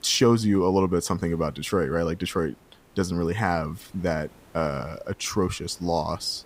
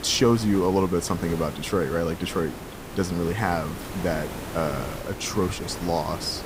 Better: first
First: hiss; faint; throughout; 30 dB below the speech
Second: hiss; loud; throughout; 10 dB below the speech

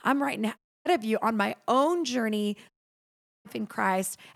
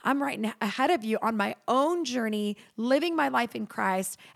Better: second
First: audio cutting out; at 0.5 s and at 2.5 s for 1 s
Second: none

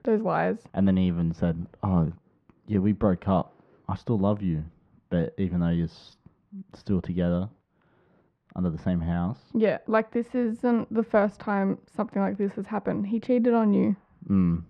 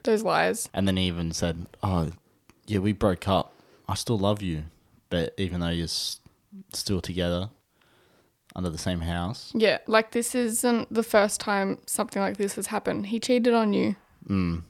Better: second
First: muffled; very; fading above 1.5 kHz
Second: none

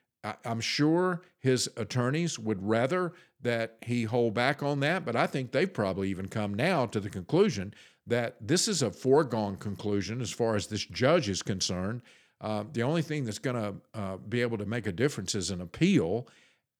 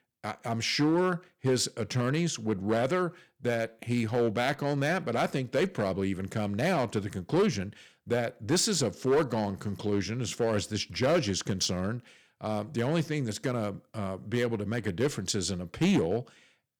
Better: first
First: none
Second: distortion; slight; 4% of the sound clipped

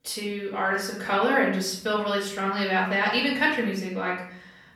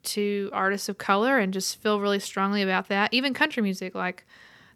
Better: second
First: off-mic speech; far // room echo; noticeable; dies away in 0.7 s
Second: none

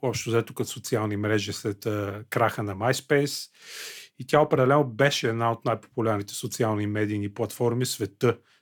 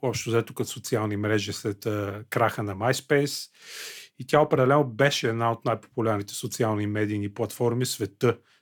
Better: neither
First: none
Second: none

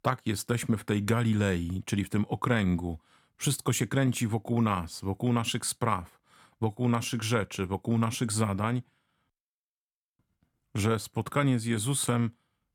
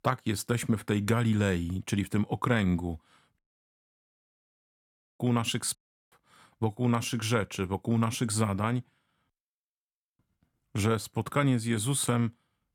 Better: first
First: none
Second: audio cutting out; at 3.5 s for 2 s and at 6 s

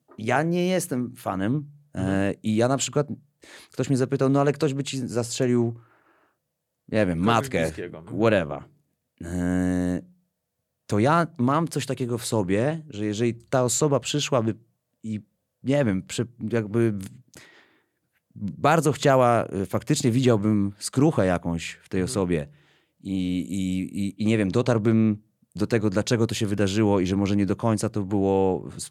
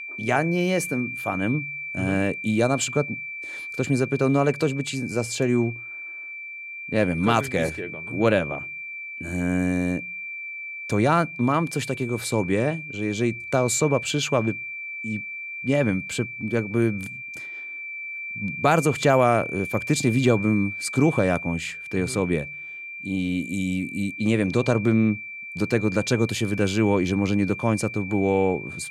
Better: first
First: none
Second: high-pitched whine; loud; throughout; 2.5 kHz, 9 dB below the speech

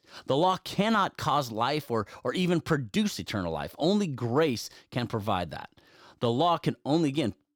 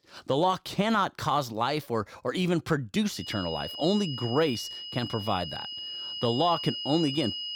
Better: first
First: none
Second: high-pitched whine; loud; from 3 s on; 3 kHz, 6 dB below the speech

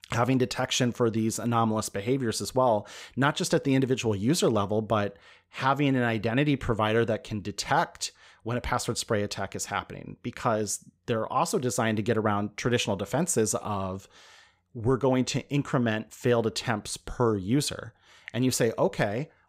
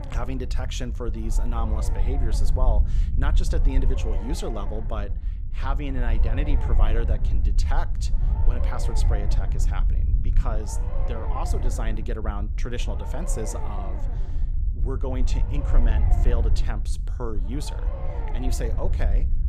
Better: first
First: none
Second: low rumble; loud; throughout; 6 dB below the speech

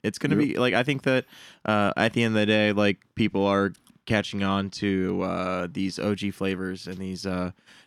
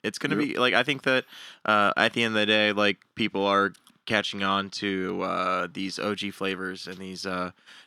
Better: first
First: none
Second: thin; very slightly; fading below 650 Hz

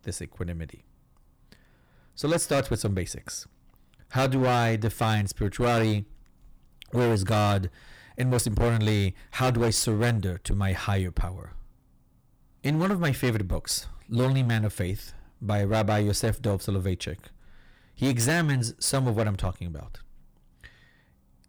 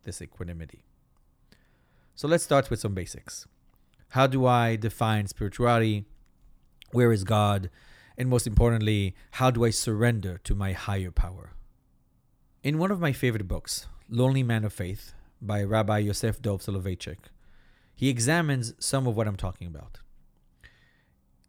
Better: second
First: distortion; heavy; 10% of the sound clipped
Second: none

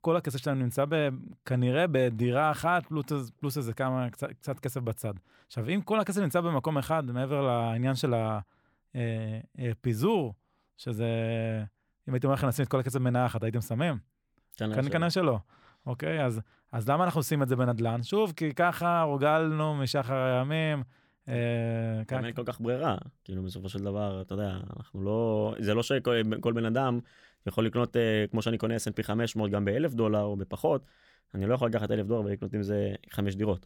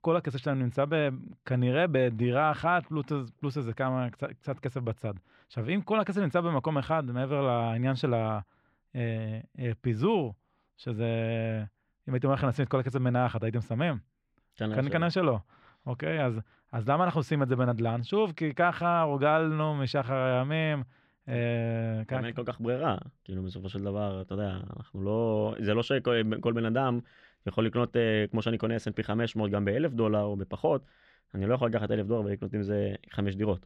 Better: first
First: none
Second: muffled; very slightly; fading above 3 kHz

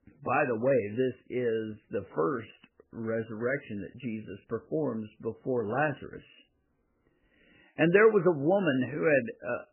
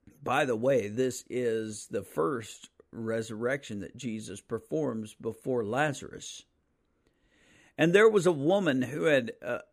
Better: second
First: garbled, watery; badly; nothing above 3 kHz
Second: none

